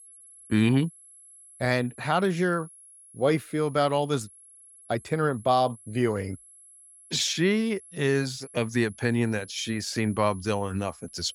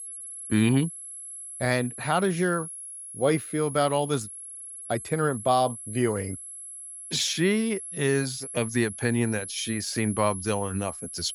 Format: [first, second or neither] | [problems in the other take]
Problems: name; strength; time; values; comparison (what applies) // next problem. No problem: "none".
first | high-pitched whine; loud; throughout; 11 kHz, 10 dB below the speech; faint in the first